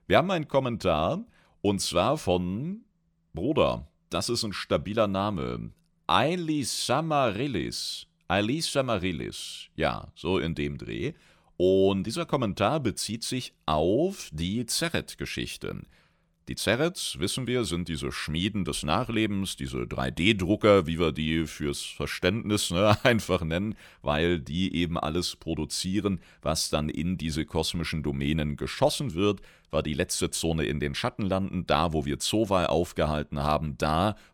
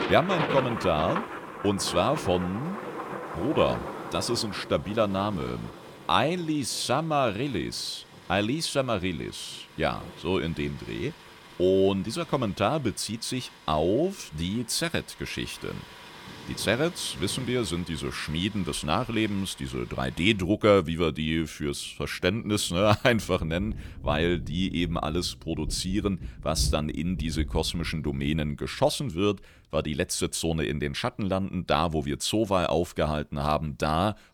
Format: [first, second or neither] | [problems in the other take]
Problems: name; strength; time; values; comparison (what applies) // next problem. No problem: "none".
first | rain or running water; noticeable; throughout; 10 dB below the speech